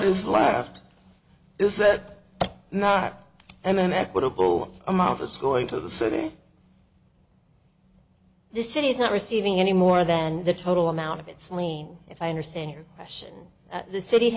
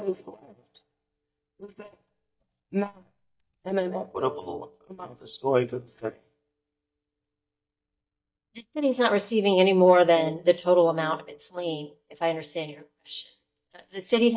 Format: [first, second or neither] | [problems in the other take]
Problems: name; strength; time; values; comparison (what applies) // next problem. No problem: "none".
first | noise reduction (neural mask model DeepFilterNet 3)